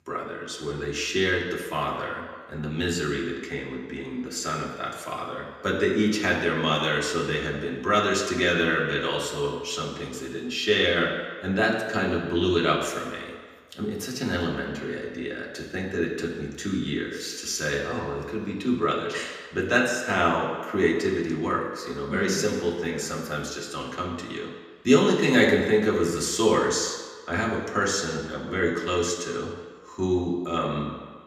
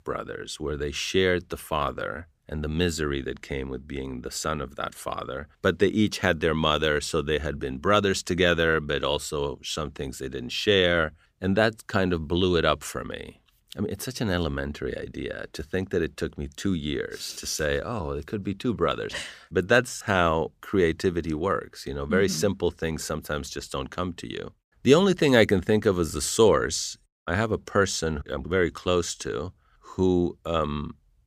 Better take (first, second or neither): second